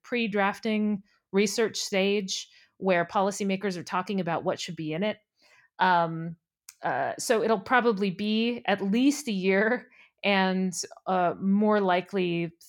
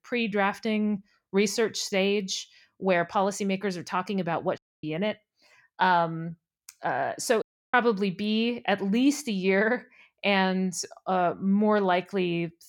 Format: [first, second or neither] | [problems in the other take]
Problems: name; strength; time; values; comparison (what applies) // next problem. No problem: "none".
first | audio cutting out; at 4.5 s and at 7.5 s